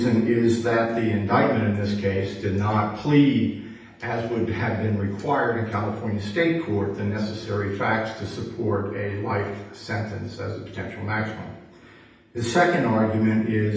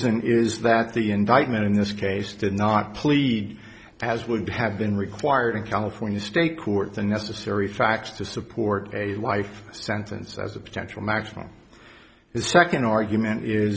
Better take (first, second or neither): second